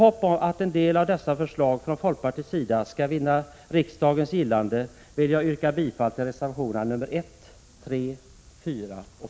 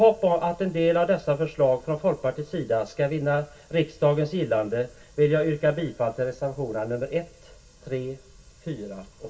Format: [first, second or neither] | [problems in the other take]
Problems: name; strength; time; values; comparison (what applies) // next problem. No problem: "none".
first | room echo; dies away in 0.2 s